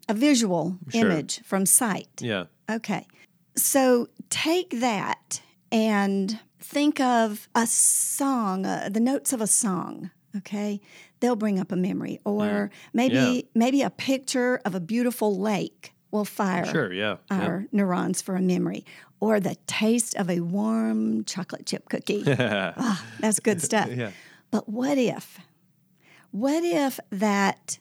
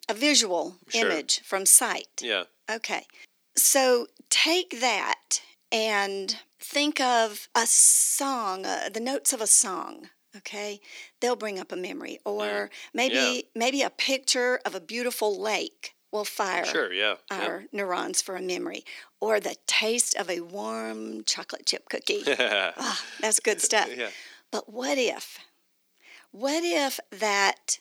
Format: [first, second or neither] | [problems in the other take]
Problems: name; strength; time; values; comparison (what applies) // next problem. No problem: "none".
first | thin; somewhat; fading below 350 Hz